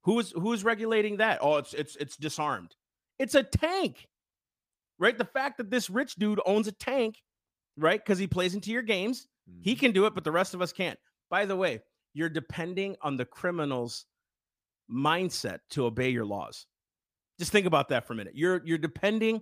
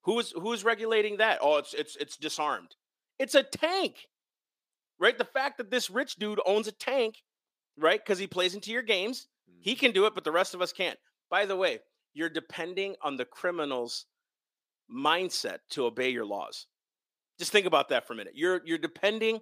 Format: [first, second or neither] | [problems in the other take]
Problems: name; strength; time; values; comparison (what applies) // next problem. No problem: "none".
first | thin; somewhat; fading below 400 Hz